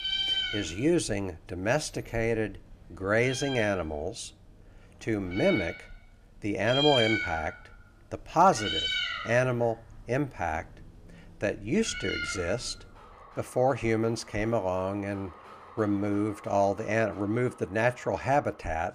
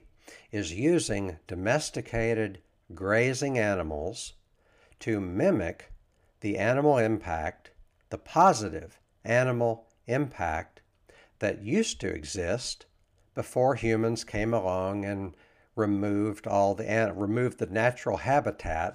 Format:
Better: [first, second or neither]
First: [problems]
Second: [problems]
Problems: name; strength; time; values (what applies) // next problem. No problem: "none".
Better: second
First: animal sounds; loud; throughout; 2 dB below the speech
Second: none